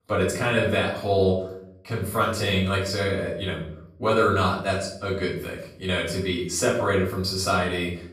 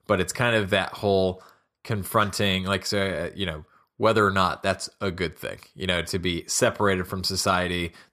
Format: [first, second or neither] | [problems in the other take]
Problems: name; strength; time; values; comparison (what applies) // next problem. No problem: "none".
second | off-mic speech; far // room echo; noticeable; dies away in 0.5 s